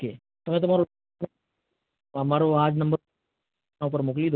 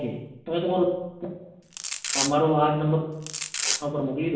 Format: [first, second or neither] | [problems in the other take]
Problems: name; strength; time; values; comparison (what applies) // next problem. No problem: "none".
first | background sound (Domestic sounds, home sounds); 4 dB below the speech // room echo; dies away in 0.9 s